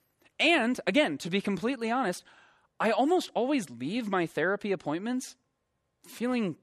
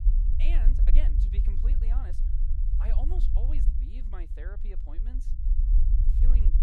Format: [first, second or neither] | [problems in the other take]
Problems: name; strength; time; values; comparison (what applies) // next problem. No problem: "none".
first | low rumble; loud; throughout; 3 dB below the speech